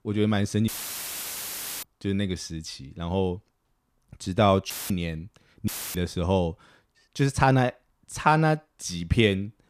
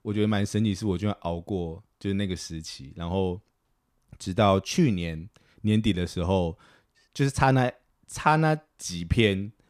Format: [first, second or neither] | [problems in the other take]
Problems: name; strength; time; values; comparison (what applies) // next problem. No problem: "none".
second | audio cutting out; filled with static; at 0.5 s for 1 s, at 4.5 s and at 5.5 s